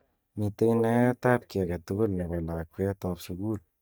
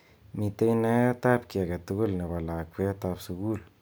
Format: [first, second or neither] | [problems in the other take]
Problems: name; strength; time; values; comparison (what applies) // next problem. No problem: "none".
second | noise reduction (neural mask model DeepFilterNet 3)